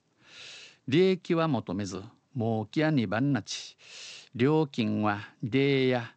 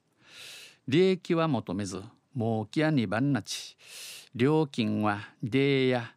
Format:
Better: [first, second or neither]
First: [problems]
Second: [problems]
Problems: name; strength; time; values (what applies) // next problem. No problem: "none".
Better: second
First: garbled, watery; slightly; nothing above 8 kHz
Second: none